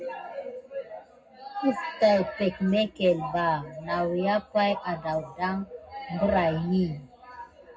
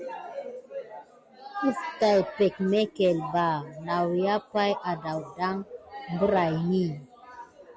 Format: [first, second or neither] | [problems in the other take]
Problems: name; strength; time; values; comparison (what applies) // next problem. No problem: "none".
second | room echo; dies away in 0.3 s